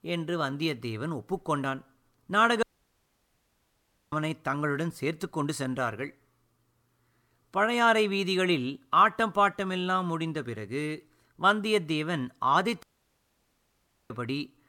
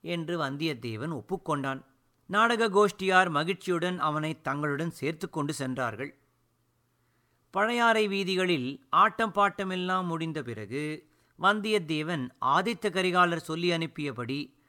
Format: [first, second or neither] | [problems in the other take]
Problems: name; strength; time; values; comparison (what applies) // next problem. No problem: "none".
second | audio cutting out; at 2.5 s for 1.5 s and at 13 s for 1.5 s